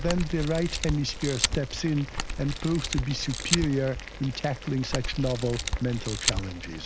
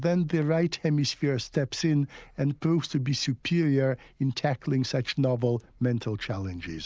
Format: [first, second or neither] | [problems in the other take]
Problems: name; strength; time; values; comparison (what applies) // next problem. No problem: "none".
second | background sound (Boiling + Camera); 3 dB below the speech